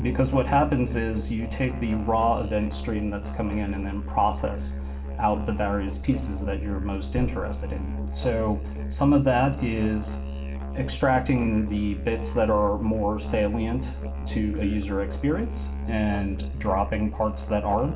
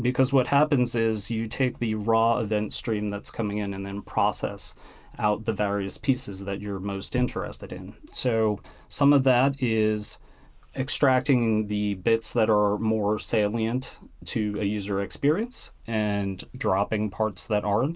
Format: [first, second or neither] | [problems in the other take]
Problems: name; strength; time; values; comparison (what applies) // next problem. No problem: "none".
second | background sound (Musical instrument); 5 dB below the speech // room echo; dies away in 1.6 s